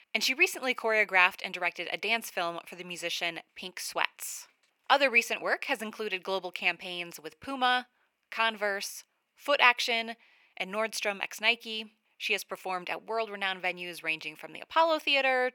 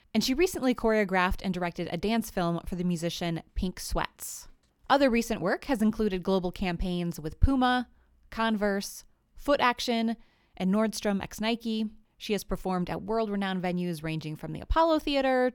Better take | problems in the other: second | thin; very; fading below 550 Hz

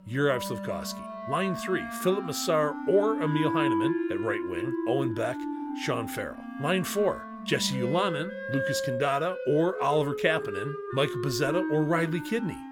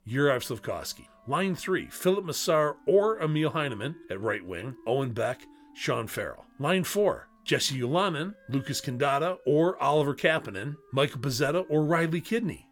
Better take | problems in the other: second | background music; loud; throughout; 5 dB below the speech; faint in the second

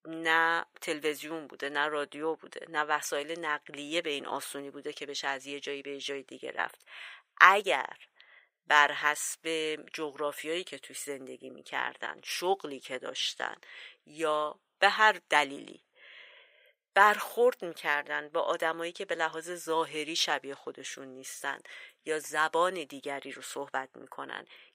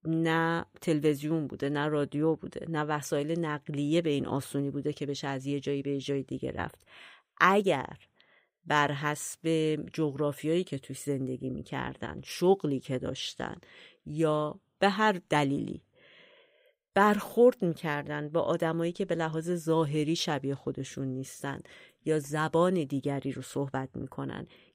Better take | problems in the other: second | thin; very; fading below 700 Hz

